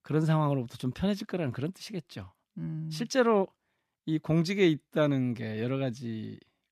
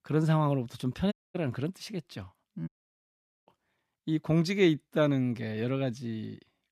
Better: first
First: none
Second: audio cutting out; at 1 s and at 2.5 s for 1 s

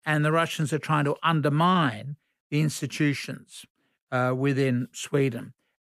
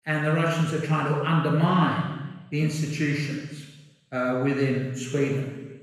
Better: first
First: none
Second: room echo; noticeable; dies away in 1.2 s // off-mic speech; far

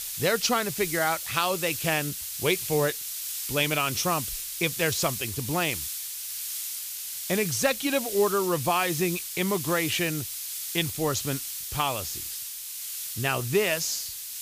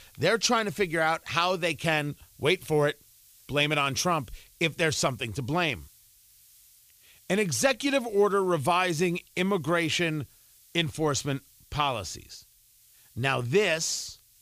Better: second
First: hiss; loud; throughout; 4 dB below the speech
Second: hiss; faint; throughout; 30 dB below the speech

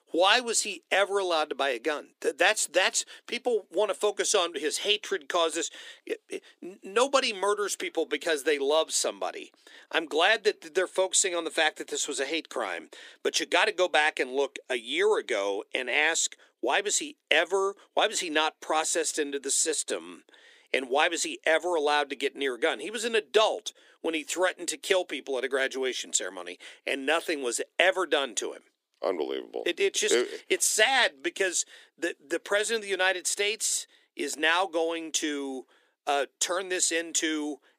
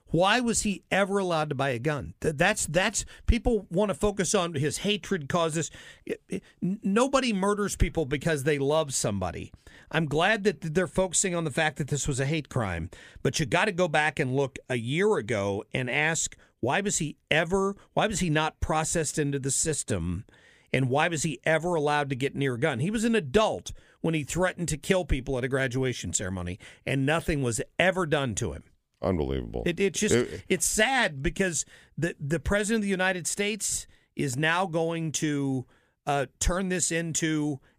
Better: second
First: thin; very; fading below 300 Hz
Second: none

